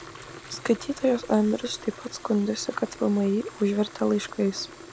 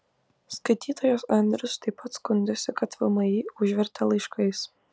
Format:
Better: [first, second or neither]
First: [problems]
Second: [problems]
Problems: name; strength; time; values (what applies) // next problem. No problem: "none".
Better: second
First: background sound (Fill (with liquid) / Water tap, faucet); 18 dB below the speech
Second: none